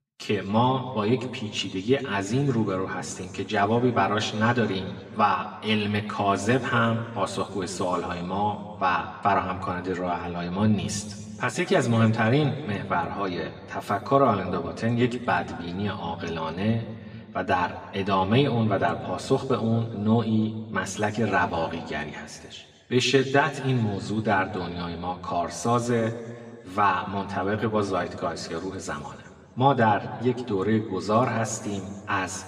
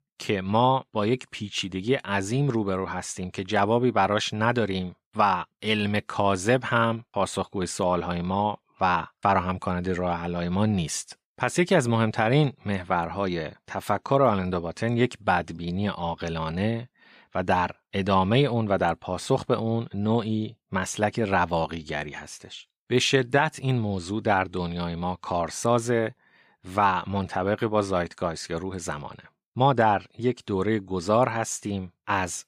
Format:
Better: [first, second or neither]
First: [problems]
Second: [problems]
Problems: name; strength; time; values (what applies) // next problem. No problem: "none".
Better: second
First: room echo; slight; dies away in 1.8 s // off-mic speech; somewhat distant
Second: none